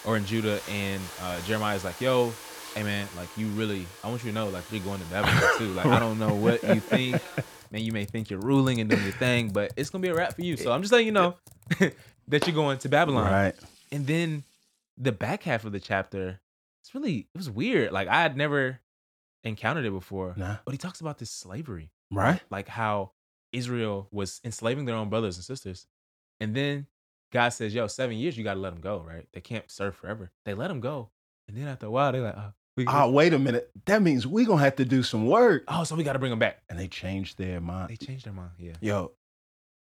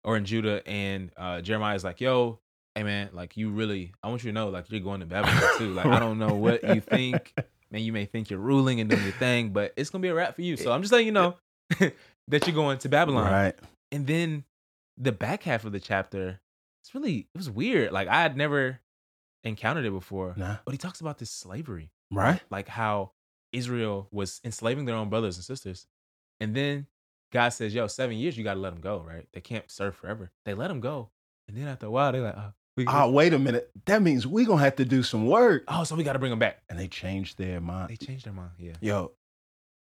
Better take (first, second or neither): second